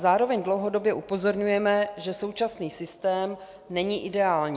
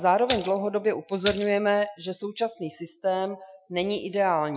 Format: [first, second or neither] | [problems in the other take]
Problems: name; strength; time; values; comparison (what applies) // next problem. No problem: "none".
first | noise reduction (classical method Wiener filter)